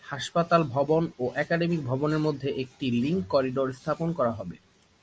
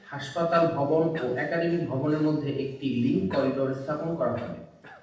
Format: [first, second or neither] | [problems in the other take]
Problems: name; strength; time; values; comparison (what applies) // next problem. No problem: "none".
first | noise reduction (neural separator model SepFormer DNS4)